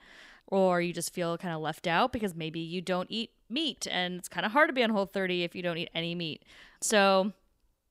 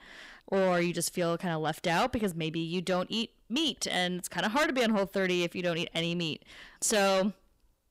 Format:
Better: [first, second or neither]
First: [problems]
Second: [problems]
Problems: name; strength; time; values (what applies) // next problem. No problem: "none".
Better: first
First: none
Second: distortion; heavy; 7 dB below the speech